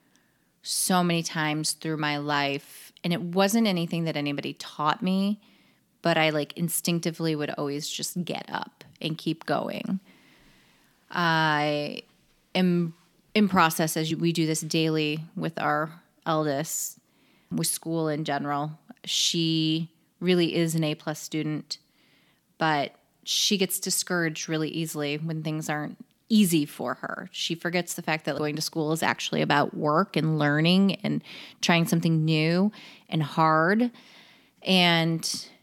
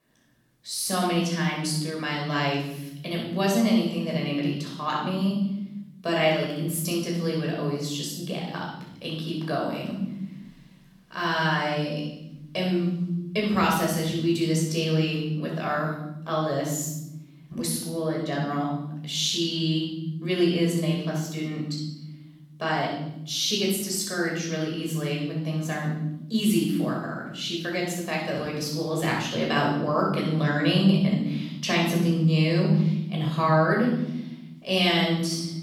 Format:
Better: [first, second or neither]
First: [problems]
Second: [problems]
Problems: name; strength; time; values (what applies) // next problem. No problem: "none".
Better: first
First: none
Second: off-mic speech; far // room echo; strong; dies away in 1.2 s